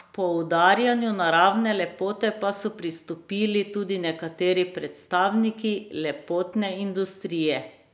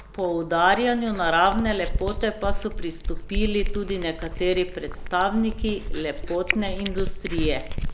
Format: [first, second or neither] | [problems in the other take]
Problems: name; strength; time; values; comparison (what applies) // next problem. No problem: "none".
first | background sound (Cat); 3 dB below the speech